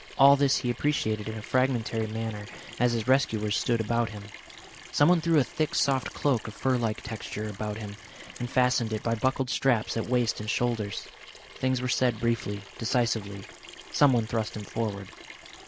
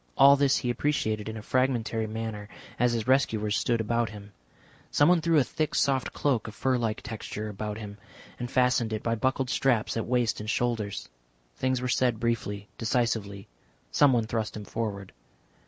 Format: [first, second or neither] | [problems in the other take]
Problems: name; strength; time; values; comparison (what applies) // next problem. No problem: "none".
second | background sound (Sink (filling or washing) / Water tap, faucet); 18 dB below the speech